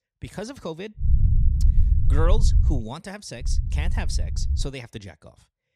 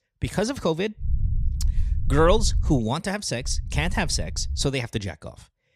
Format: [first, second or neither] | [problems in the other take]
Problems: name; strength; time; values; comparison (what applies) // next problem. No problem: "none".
second | low rumble; loud; from 1 to 3 s and from 3.5 to 4.5 s; 8 dB below the speech; faint in the second